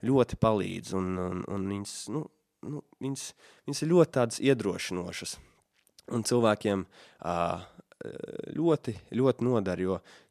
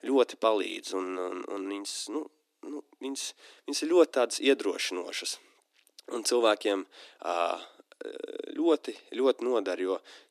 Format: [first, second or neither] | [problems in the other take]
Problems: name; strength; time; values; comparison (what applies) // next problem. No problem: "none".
first | thin; somewhat; fading below 300 Hz